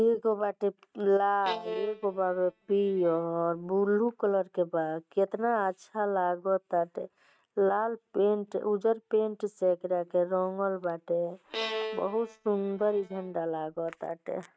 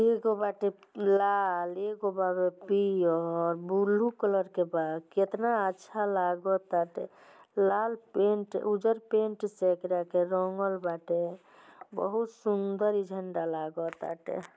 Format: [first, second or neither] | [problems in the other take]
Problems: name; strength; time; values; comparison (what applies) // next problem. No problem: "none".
second | noise reduction (neural mask model RNNoise)